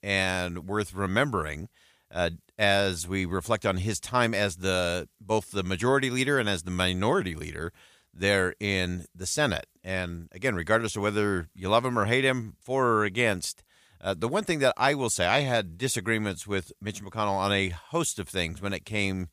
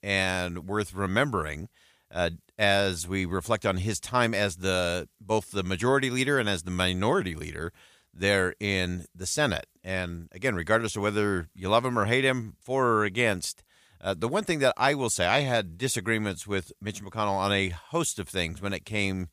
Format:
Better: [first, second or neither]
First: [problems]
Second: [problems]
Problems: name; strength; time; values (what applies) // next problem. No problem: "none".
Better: neither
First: none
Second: none